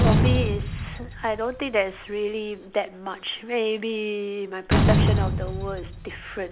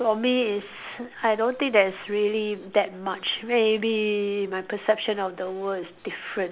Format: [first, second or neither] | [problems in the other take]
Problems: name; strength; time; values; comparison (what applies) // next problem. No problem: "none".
second | background sound (Slam); 3 dB above the speech